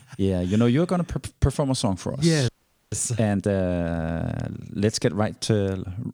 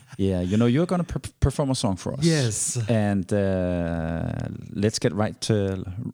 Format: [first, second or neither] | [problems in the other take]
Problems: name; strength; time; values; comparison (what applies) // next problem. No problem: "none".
second | audio freezing; at 2.5 s